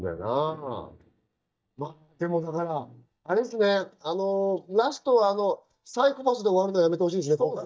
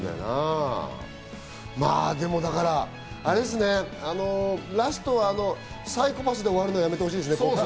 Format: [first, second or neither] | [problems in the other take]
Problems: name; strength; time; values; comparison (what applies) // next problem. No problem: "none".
second | noise reduction (neural mask model DeepFilterNet 3)